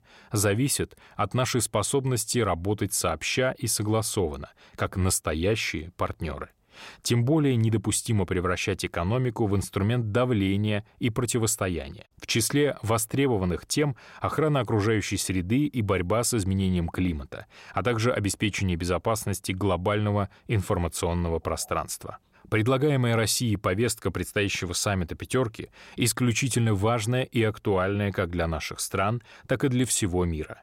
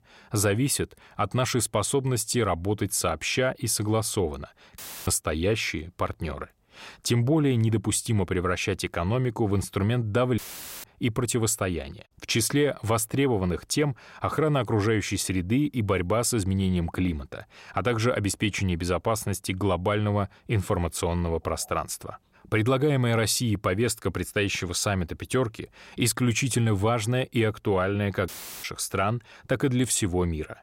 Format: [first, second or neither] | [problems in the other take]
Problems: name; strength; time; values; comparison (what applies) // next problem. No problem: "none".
first | audio cutting out; filled with static; at 5 s, at 10 s and at 28 s